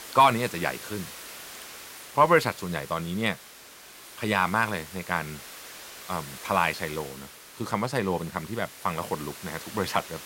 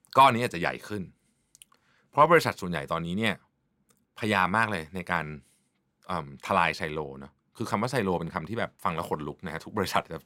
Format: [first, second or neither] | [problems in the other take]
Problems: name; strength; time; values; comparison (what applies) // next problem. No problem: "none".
second | hiss; noticeable; throughout; 15 dB below the speech